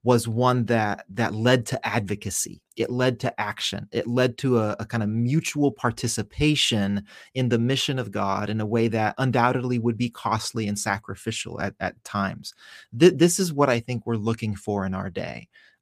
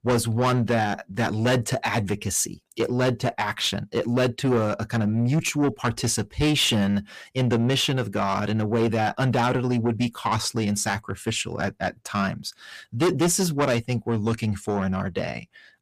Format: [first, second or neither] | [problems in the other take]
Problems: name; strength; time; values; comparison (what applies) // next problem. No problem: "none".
first | distortion; heavy; 7 dB below the speech